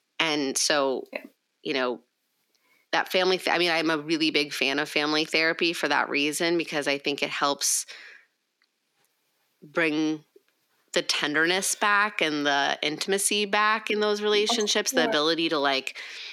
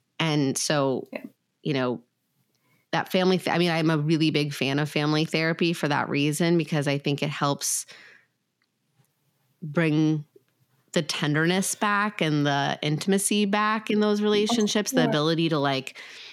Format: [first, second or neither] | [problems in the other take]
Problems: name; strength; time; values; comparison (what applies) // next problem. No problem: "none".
second | thin; somewhat; fading below 300 Hz